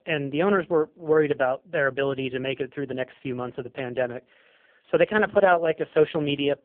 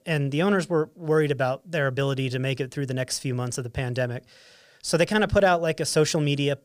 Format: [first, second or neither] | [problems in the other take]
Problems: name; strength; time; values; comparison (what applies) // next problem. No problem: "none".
second | phone-call audio; poor line; nothing above 3.5 kHz